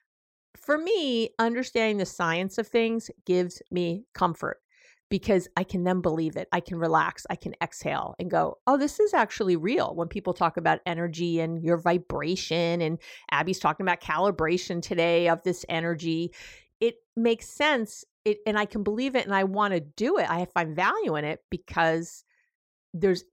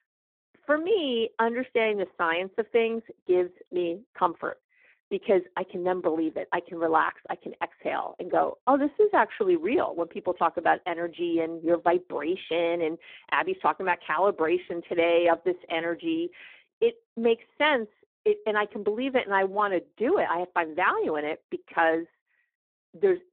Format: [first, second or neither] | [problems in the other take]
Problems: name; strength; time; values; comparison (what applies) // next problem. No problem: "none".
first | phone-call audio; poor line